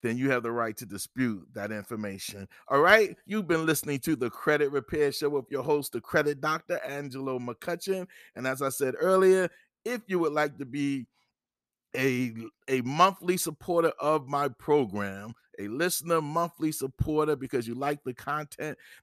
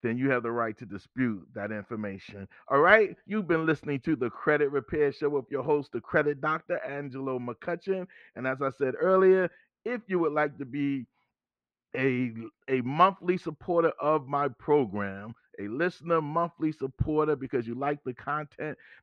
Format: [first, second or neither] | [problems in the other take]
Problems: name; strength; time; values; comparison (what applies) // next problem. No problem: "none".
first | muffled; very; fading above 2.5 kHz